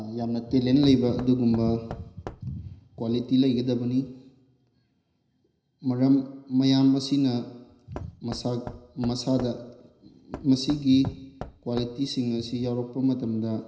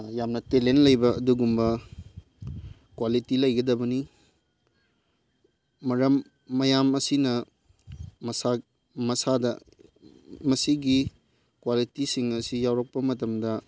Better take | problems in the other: second | background sound (Knock / Wood); 17 dB below the speech // room echo; dies away in 0.9 s

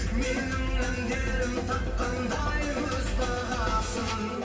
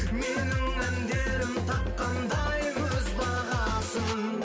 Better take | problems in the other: second | background sound (Burping, eructation); 19 dB below the speech // room echo; dies away in 2.3 s

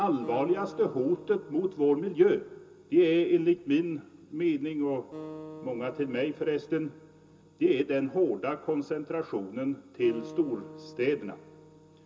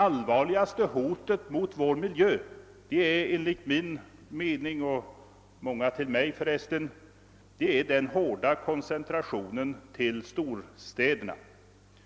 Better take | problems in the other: second | background sound (Acoustic guitar); 19 dB below the speech // room echo; dies away in 0.2 s

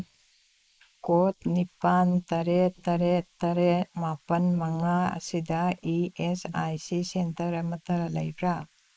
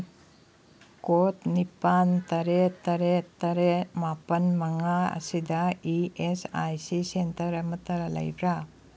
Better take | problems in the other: second | noise reduction (neural mask model Resemble Enhance denoiser)

